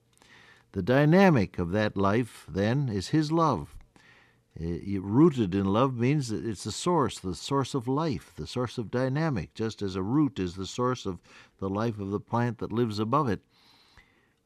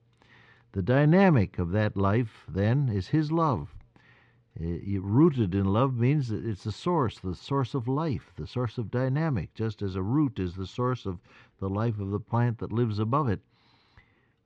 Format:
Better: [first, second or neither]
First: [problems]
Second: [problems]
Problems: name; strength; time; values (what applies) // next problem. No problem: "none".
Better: first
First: none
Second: muffled; very slightly; fading above 3.5 kHz